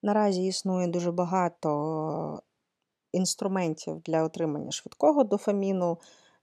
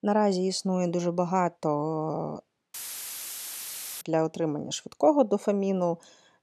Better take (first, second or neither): first